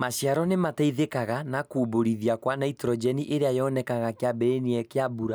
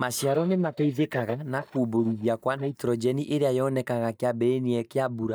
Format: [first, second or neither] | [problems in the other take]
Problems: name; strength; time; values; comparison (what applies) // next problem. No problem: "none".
first | noise reduction (neural mask model DeepFilterNet 3)